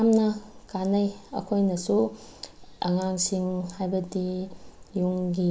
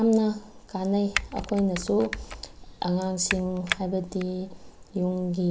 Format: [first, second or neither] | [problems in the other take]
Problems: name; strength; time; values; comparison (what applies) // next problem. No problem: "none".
first | background sound (Typing); 8 dB below the speech